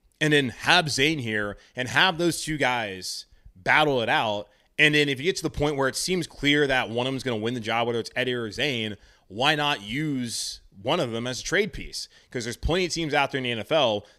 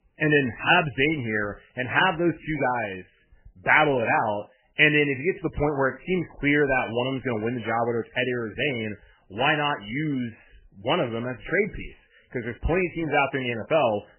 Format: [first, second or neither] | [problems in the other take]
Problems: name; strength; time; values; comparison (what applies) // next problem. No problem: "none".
first | garbled, watery; badly; nothing above 3 kHz